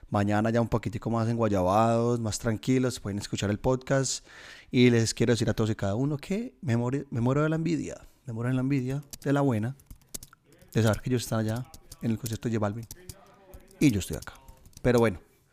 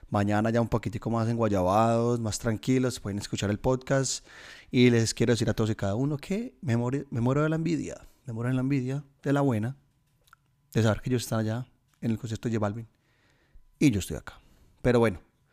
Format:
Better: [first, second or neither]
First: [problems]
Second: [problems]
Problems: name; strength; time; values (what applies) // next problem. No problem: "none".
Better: second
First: keyboard typing; faint; from 9 to 15 s; peak 15 dB below the speech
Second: none